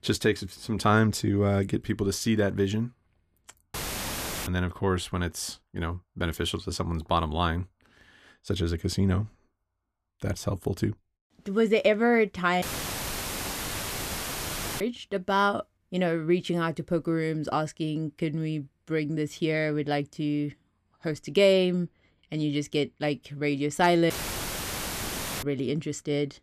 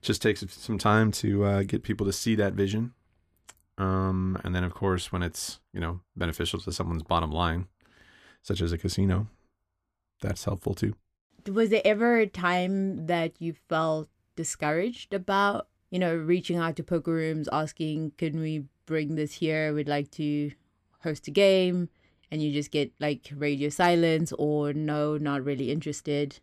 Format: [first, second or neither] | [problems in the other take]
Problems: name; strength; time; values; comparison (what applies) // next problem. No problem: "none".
second | audio cutting out; filled with static; at 3.5 s for 0.5 s, at 13 s for 2 s and at 24 s for 1.5 s